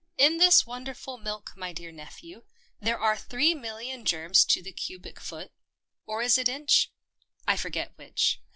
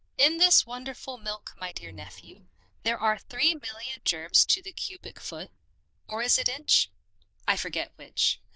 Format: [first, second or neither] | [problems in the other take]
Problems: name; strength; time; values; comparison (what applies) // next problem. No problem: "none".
first | noise reduction (neural diffusion model UNIVERSE++)